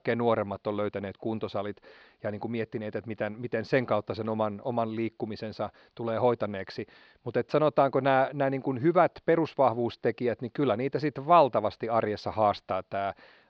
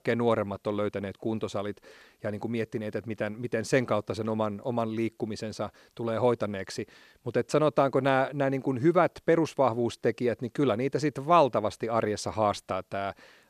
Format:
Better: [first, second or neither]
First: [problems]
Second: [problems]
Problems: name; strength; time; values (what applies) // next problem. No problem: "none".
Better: second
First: muffled; very slightly; fading above 4.5 kHz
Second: none